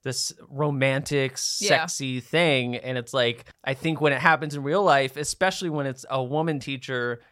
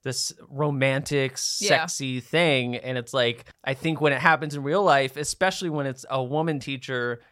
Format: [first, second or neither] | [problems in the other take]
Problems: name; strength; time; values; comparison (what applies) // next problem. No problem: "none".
neither | none